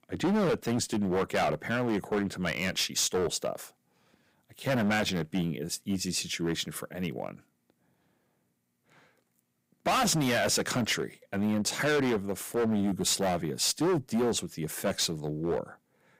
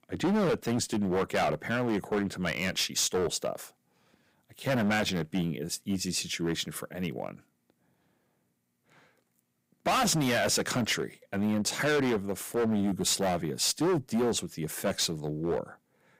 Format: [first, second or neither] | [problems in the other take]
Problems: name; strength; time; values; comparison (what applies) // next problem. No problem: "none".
neither | distortion; heavy; 11% of the sound clipped; the same in both